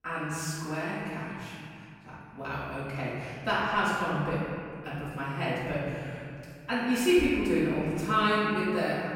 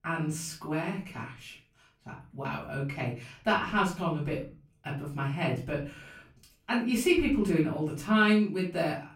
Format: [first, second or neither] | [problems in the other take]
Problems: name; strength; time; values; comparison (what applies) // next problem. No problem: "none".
second | room echo; strong; dies away in 2.4 s; slight in the second // off-mic speech; far; far in the second